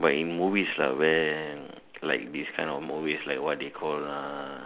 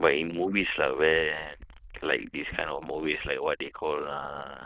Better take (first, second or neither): first